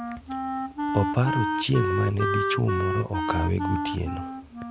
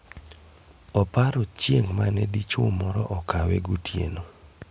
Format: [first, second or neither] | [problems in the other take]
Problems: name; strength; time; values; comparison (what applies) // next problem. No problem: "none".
second | background sound (Wind instrument, woodwind instrument); 1 dB below the speech